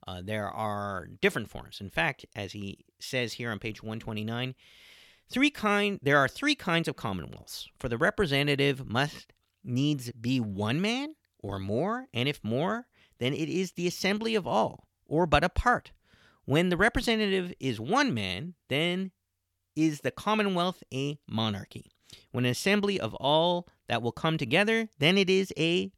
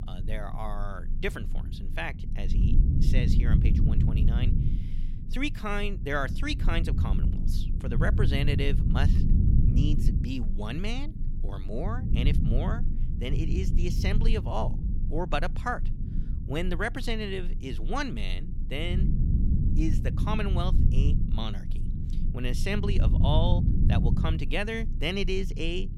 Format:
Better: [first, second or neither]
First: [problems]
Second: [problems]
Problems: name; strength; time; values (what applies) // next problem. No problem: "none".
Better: first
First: none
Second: low rumble; loud; throughout; 8 dB below the speech